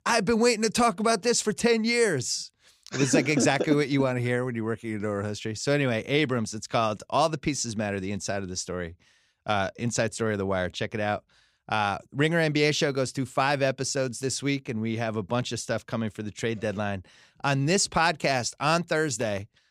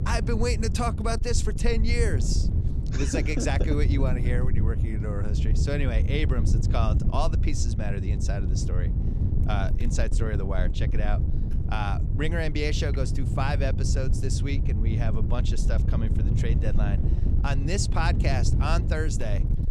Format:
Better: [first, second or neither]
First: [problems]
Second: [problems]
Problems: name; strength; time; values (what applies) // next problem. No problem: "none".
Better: first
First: none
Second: wind noise on the microphone; heavy; 8 dB below the speech